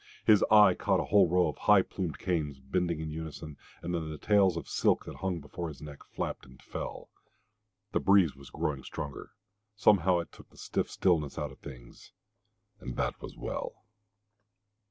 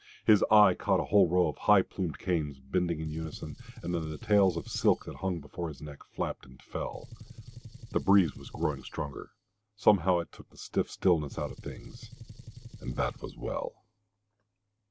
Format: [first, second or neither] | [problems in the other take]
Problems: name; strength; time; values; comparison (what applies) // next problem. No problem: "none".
first | background sound (Gunshot, gunfire); 16 dB below the speech